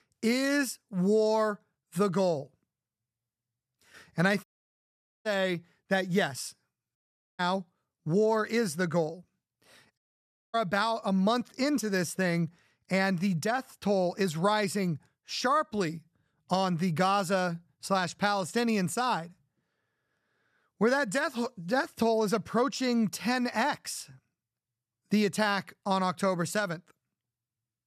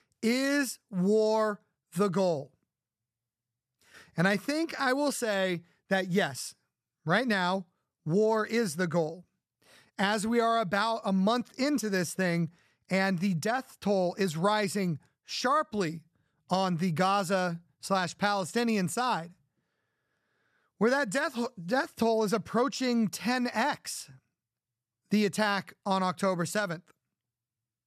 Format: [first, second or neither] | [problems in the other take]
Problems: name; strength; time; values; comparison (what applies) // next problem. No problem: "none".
second | audio cutting out; at 4.5 s for 1 s, at 7 s and at 10 s for 0.5 s